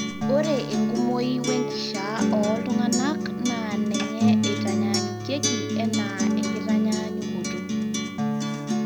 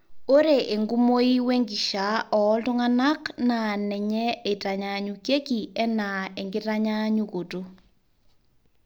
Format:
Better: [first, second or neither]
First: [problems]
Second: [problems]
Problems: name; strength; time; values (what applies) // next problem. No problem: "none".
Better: second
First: background sound (Acoustic guitar); 4 dB above the speech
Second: none